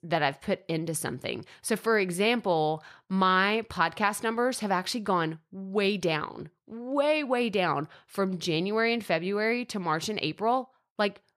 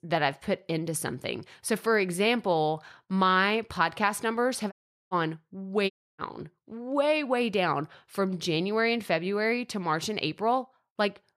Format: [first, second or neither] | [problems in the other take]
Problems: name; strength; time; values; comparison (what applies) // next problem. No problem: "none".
first | audio cutting out; at 4.5 s and at 6 s